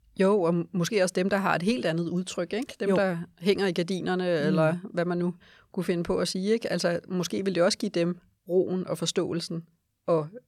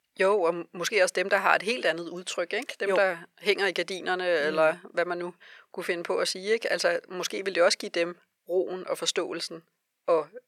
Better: first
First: none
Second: thin; very; fading below 500 Hz

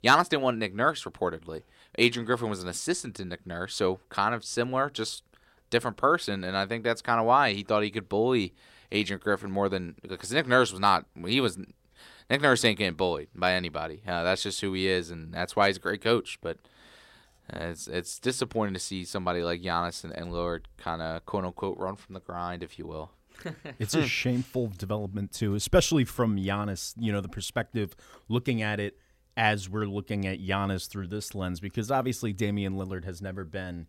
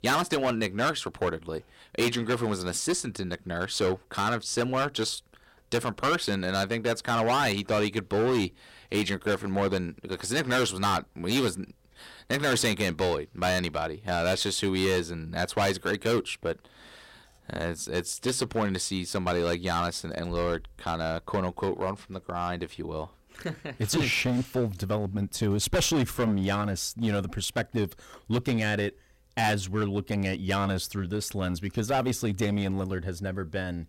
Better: first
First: none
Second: distortion; heavy; 10% of the sound clipped

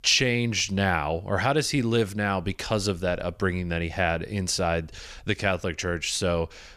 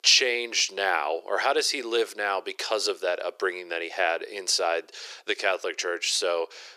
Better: first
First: none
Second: thin; very; fading below 350 Hz

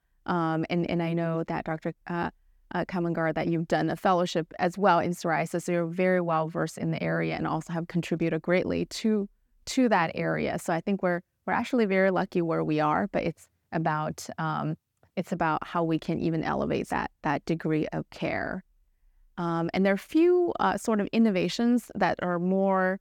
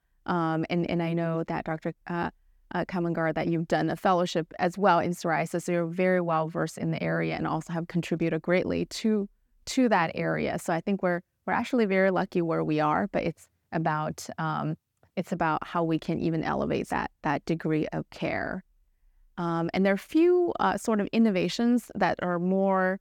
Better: neither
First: none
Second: none

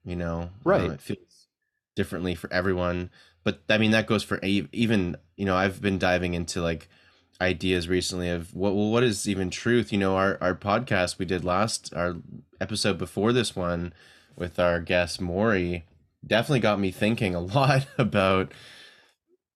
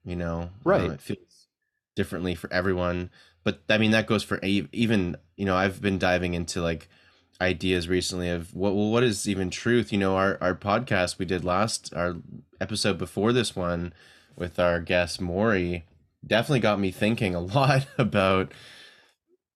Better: neither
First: none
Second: none

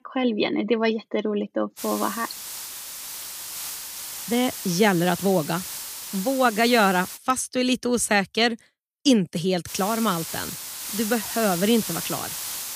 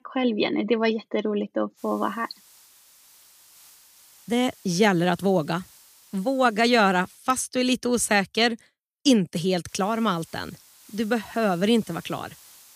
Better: second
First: hiss; loud; from 2 to 7 s and from 9.5 s on; 8 dB below the speech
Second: hiss; faint; from 2 to 7 s and from 9.5 s on; 25 dB below the speech

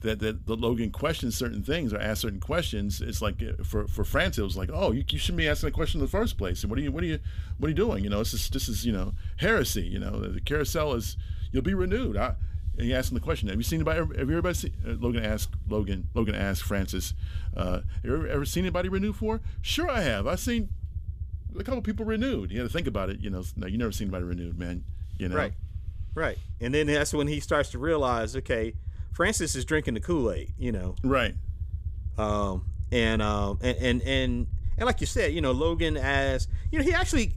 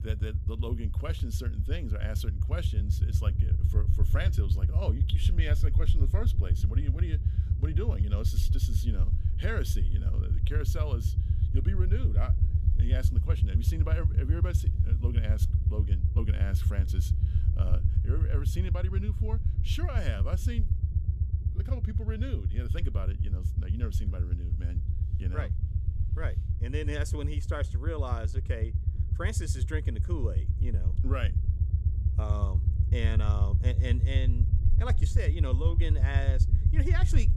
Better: first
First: low rumble; faint; throughout; 25 dB below the speech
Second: low rumble; loud; throughout; 4 dB below the speech

